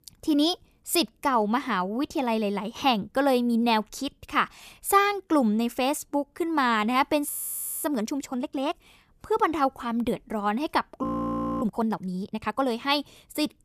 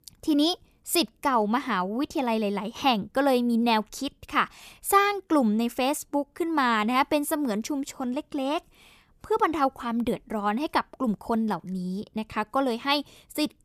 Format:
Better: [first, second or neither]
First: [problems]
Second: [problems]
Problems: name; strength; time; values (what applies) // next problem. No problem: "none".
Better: second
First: audio freezing; at 7.5 s for 0.5 s and at 11 s for 0.5 s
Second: none